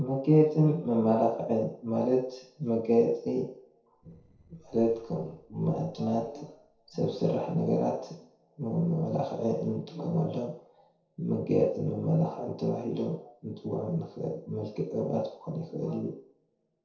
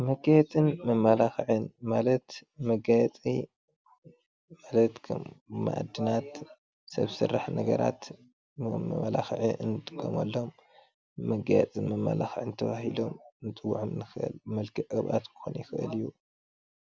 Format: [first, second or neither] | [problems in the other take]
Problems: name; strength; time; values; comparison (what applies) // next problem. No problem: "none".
second | noise reduction (neural separator model SepFormer DNS4)